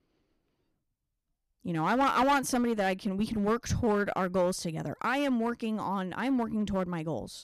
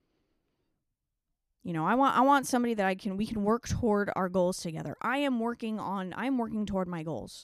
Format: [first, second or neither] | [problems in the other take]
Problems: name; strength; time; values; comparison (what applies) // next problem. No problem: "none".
second | distortion; slight; 5% of the sound clipped